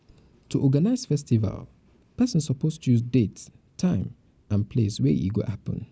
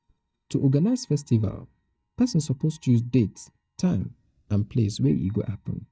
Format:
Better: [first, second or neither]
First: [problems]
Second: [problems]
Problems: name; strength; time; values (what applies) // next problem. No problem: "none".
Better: first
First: none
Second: noise reduction (neural mask model DeepFilterNet 3)